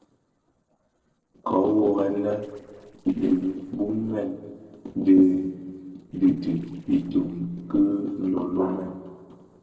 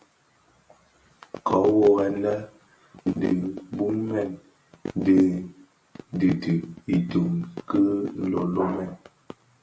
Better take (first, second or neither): second